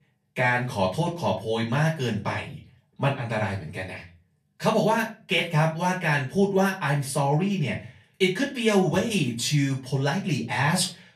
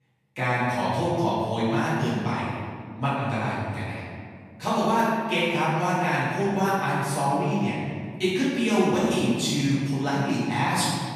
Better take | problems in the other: first | room echo; strong; dies away in 2 s; slight in the first // off-mic speech; far; far in the first

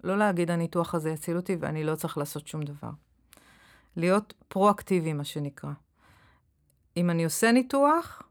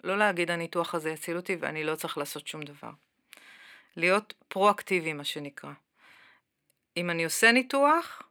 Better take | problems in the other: first | thin; somewhat; fading below 300 Hz

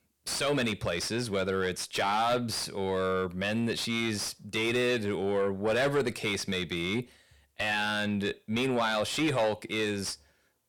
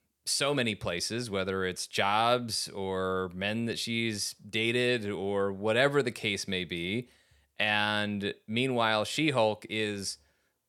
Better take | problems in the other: second | distortion; heavy; 7 dB below the speech

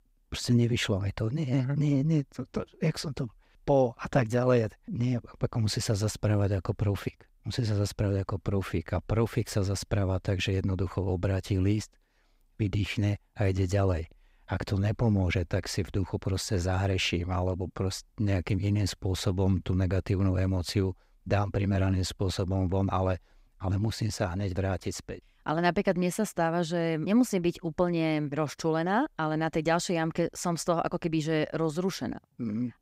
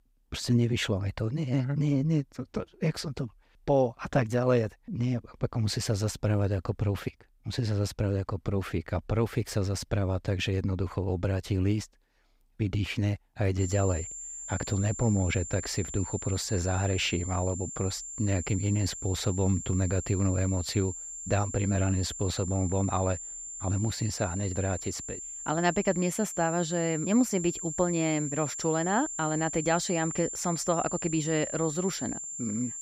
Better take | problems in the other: first | high-pitched whine; loud; from 14 s on; 7.5 kHz, 7 dB below the speech

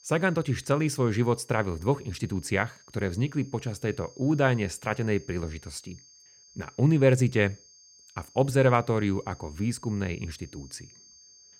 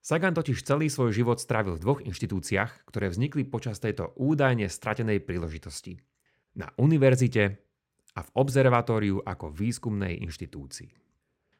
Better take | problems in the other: second | high-pitched whine; faint; throughout; 6.5 kHz, 25 dB below the speech

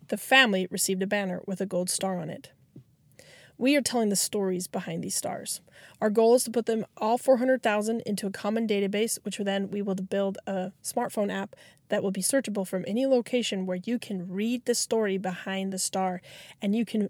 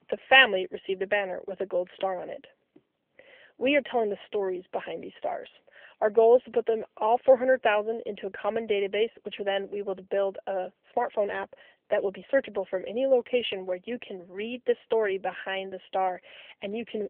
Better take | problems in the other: first | phone-call audio; nothing above 3 kHz

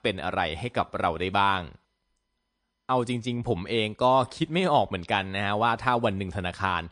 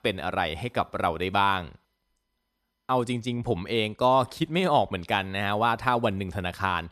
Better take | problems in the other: second | garbled, watery; slightly; nothing above 9 kHz

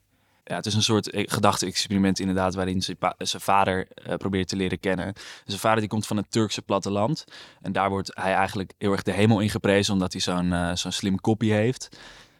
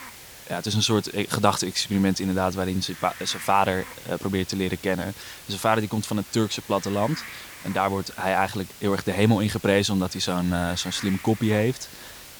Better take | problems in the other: first | hiss; noticeable; throughout; 15 dB below the speech

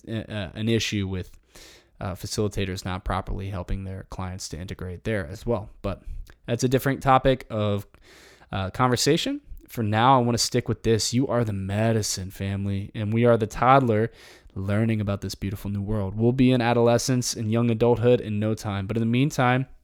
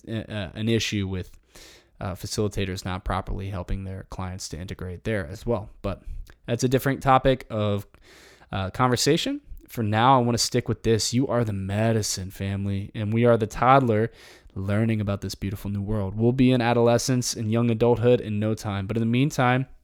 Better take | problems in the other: neither | none

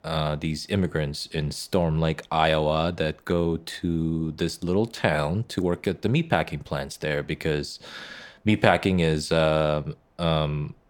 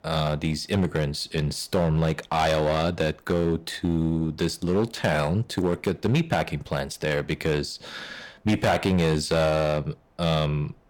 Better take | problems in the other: first | distortion; slight; 7% of the sound clipped

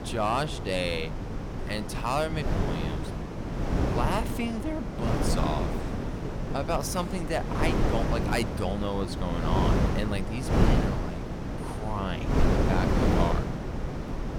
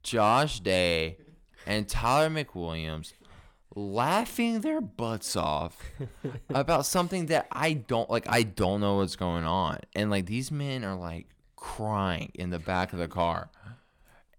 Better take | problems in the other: second | wind noise on the microphone; heavy; 2 dB below the speech

